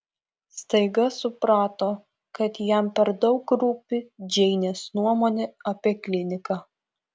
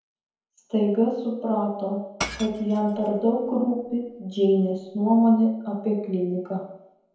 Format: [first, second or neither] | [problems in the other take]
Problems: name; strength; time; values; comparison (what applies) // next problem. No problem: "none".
first | background sound (Shatter / Crushing); 15 dB below the speech // room echo; dies away in 0.9 s